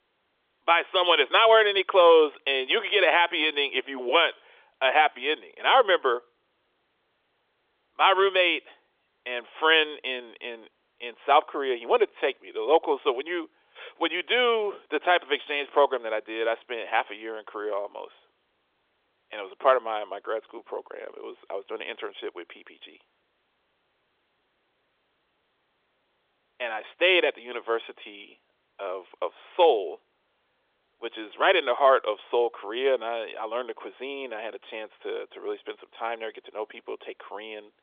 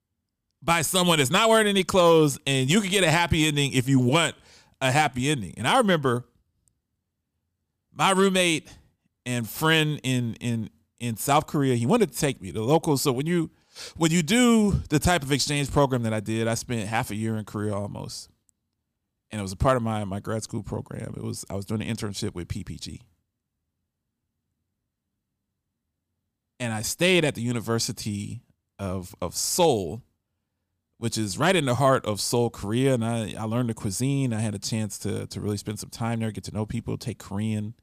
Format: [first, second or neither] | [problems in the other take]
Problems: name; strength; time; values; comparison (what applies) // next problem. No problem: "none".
second | phone-call audio; nothing above 3.5 kHz